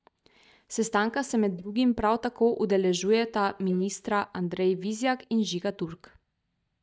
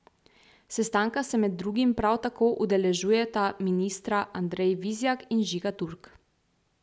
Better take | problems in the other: second | noise reduction (neural mask model DeepFilterNet 3)

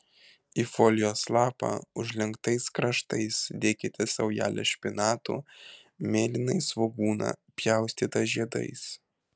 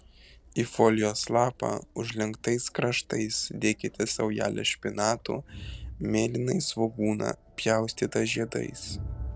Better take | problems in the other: first | background sound (Crowd); 17 dB below the speech

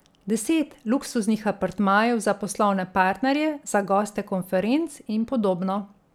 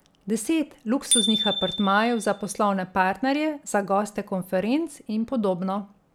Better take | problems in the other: first | background sound (Bicycle bell); 5 dB below the speech

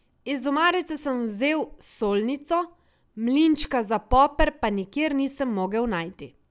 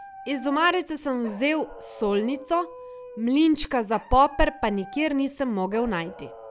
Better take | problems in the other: first | background sound (Dog); 18 dB below the speech

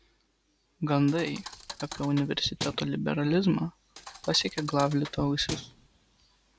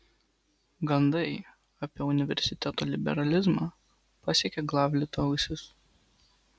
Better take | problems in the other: second | background sound (Thump, thud); 13 dB below the speech

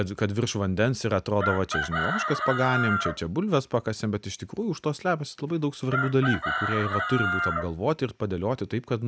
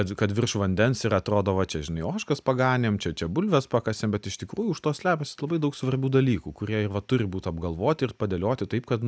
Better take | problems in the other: second | background sound (Chicken, rooster); 2 dB below the speech

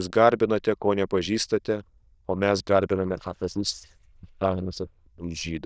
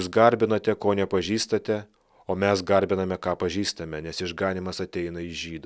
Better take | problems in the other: second | noise reduction (neural diffusion model UNIVERSE++)

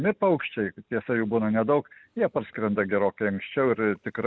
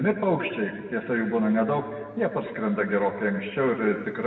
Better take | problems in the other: first | room echo; dies away in 1.5 s

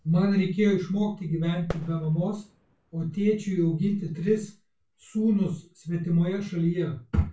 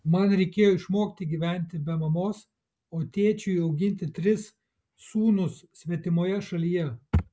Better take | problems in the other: second | background sound (Fireworks); 17 dB below the speech // room echo; dies away in 0.3 s

